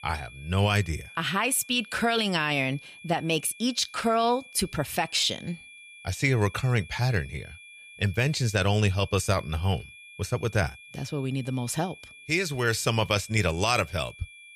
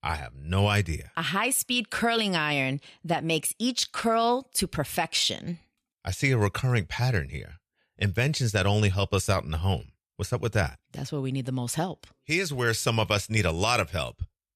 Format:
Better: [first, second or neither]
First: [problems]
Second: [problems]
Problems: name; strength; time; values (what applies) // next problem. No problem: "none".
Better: second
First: high-pitched whine; noticeable; throughout; 2.5 kHz, 20 dB below the speech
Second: none